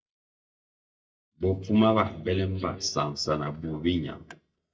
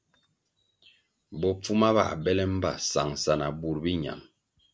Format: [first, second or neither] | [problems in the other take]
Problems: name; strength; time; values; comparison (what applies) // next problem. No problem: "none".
second | noise reduction (neural mask model DeepFilterNet 3)